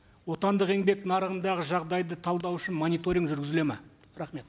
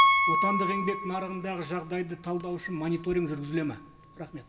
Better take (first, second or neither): first